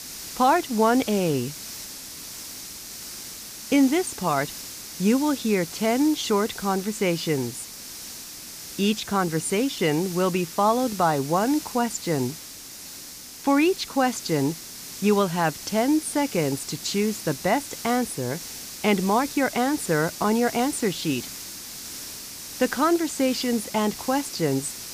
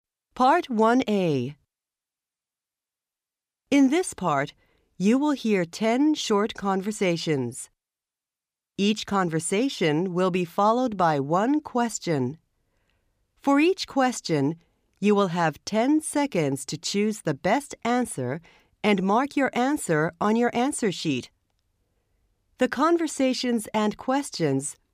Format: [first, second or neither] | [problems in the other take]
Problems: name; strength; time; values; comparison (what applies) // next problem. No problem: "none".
second | hiss; noticeable; throughout; 10 dB below the speech